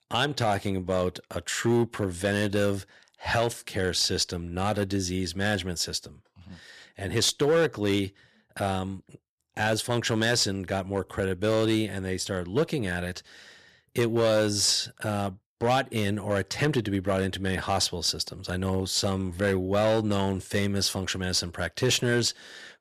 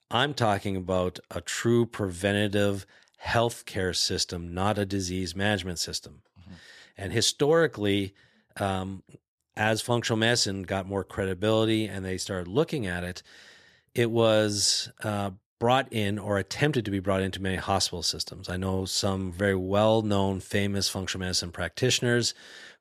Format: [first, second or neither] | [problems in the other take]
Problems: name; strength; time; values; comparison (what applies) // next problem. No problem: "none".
second | distortion; slight; 3% of the sound clipped